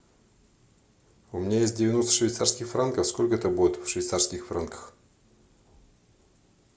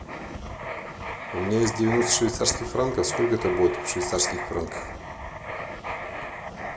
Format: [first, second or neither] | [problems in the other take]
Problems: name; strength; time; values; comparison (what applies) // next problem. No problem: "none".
first | background sound (Writing); 6 dB below the speech